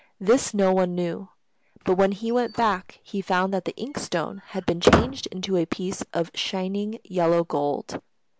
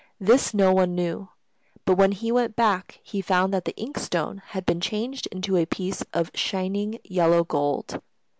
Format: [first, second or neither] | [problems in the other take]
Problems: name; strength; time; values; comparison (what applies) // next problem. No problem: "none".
second | background sound (Squeak); 3 dB below the speech